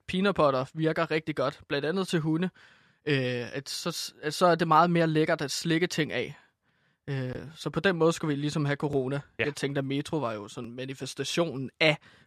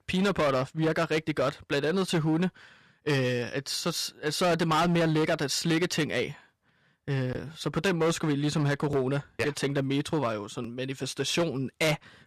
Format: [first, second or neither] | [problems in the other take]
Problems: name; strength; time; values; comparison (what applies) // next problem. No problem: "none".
first | distortion; heavy; 11% of the sound clipped